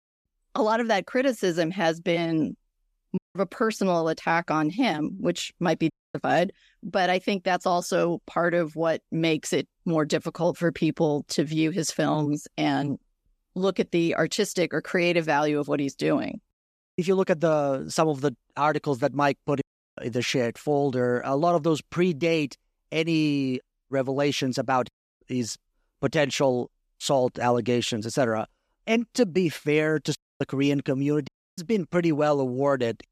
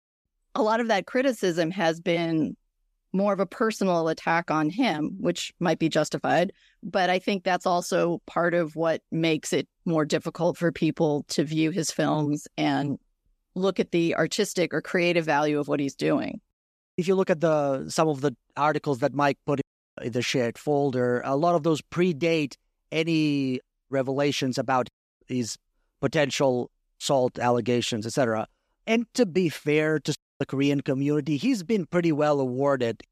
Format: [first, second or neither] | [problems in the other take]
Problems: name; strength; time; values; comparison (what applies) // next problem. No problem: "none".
second | audio cutting out; at 3 s, at 6 s and at 31 s